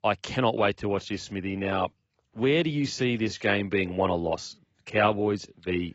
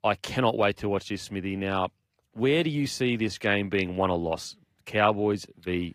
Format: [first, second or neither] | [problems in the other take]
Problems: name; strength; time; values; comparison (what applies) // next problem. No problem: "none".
second | garbled, watery; badly; nothing above 7.5 kHz; slightly in the second